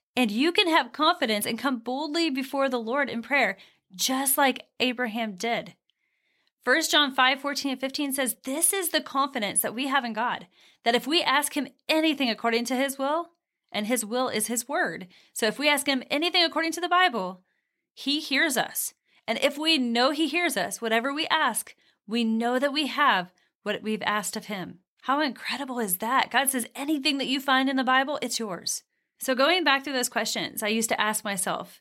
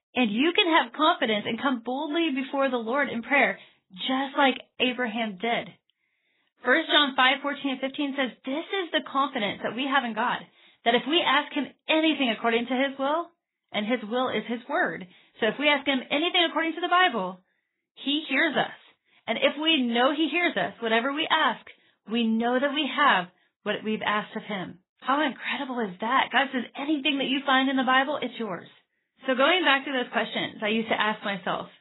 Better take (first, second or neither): first